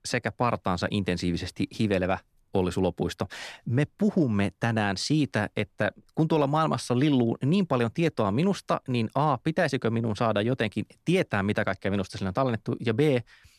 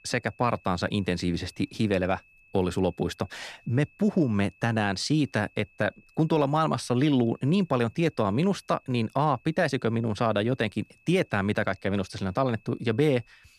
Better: first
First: none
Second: high-pitched whine; faint; throughout; 2.5 kHz, 30 dB below the speech

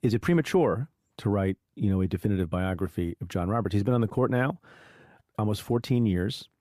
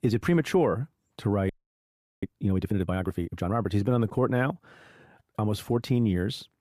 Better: first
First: none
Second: audio freezing; at 1.5 s for 0.5 s

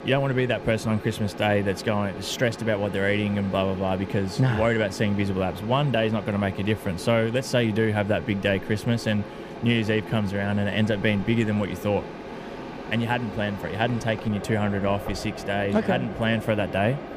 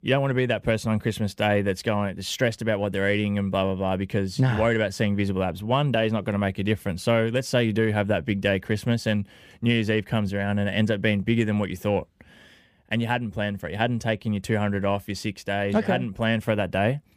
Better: second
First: machinery noise; noticeable; throughout; 10 dB below the speech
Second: none

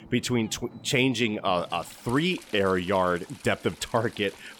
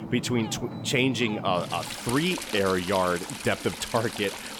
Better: first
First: rain or running water; faint; throughout; 20 dB below the speech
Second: rain or running water; loud; throughout; 8 dB below the speech

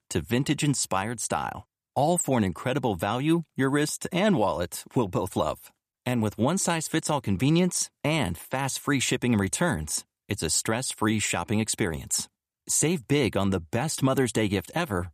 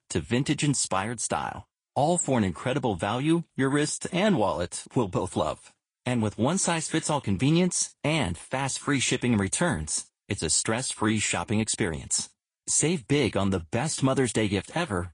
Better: first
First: none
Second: garbled, watery; slightly; nothing above 10 kHz

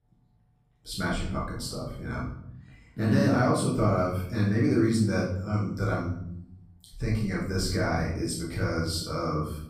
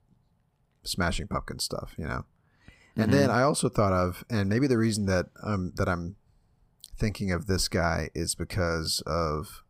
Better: second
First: off-mic speech; far // room echo; noticeable; dies away in 0.8 s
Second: none

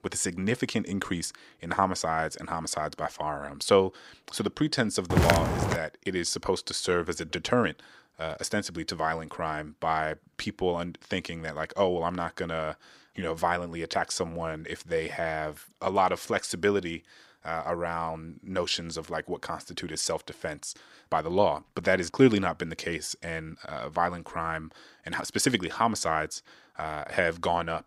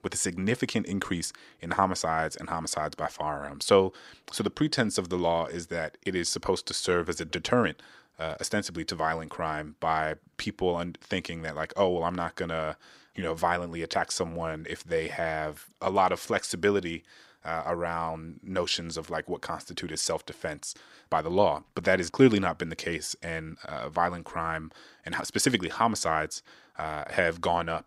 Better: second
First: footsteps; loud; at 5 s; peak 6 dB above the speech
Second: none

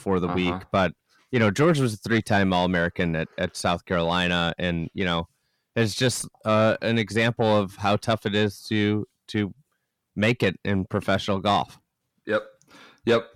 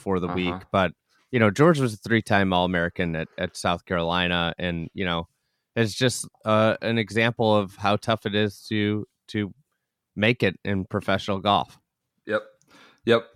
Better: second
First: distortion; slight; 10 dB below the speech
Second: none

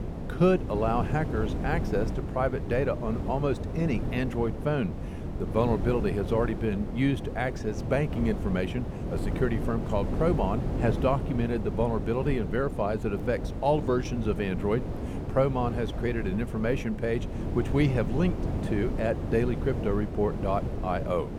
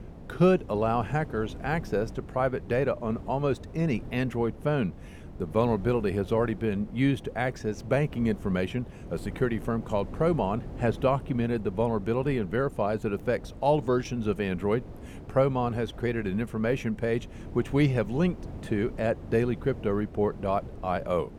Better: second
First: wind noise on the microphone; heavy; 9 dB below the speech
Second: wind noise on the microphone; occasional gusts; 20 dB below the speech

